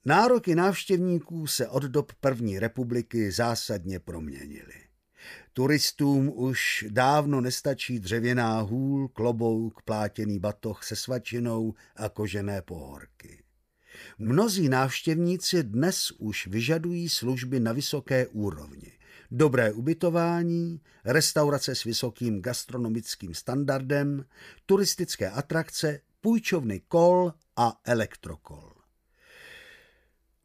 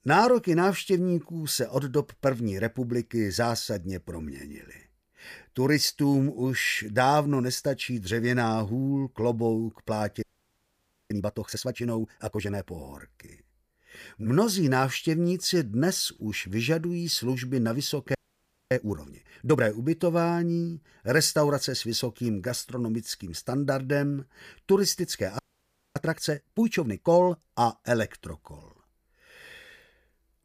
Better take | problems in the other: first | audio freezing; at 10 s for 1 s, at 18 s for 0.5 s and at 25 s for 0.5 s

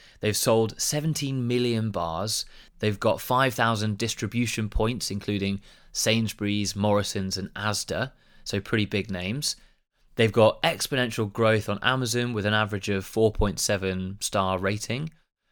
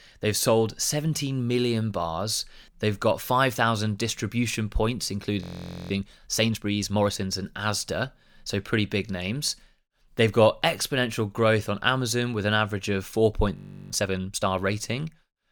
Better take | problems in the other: first | audio freezing; at 5.5 s and at 14 s

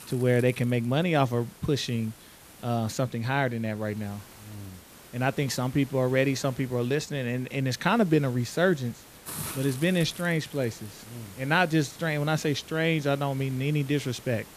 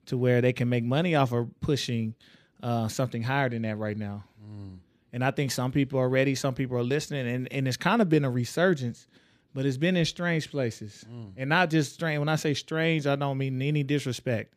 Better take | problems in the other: second | hiss; noticeable; throughout; 20 dB below the speech

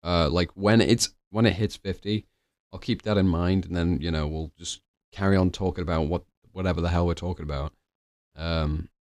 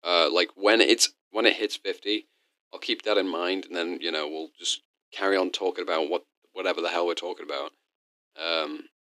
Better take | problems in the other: first | thin; very; fading below 300 Hz

